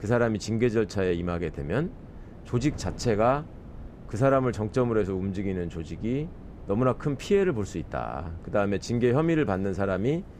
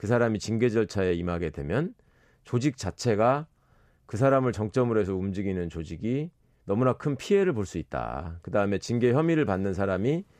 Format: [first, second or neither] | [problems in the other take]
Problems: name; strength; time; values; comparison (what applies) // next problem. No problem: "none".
second | wind noise on the microphone; occasional gusts; 20 dB below the speech